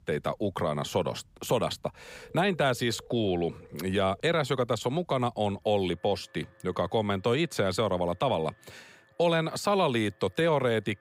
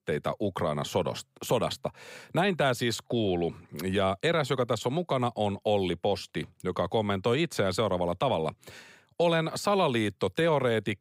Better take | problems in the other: second | alarms or sirens; faint; throughout; 30 dB below the speech

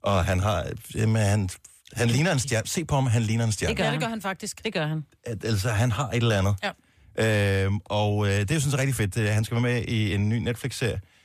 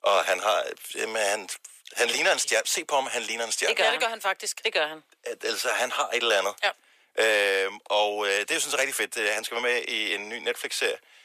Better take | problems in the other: first | thin; very; fading below 450 Hz

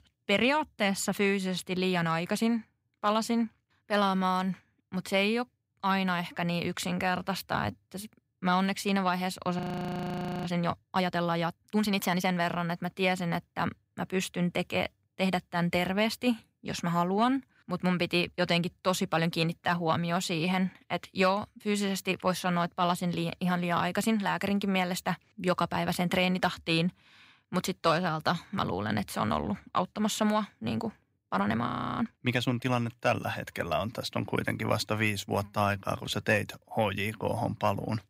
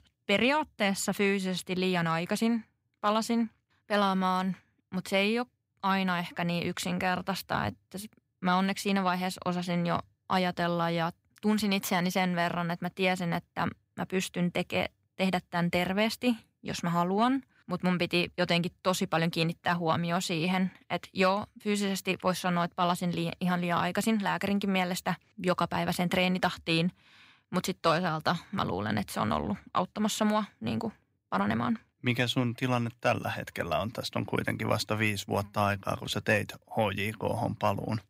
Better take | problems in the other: second | audio freezing; at 9.5 s for 1 s and at 32 s

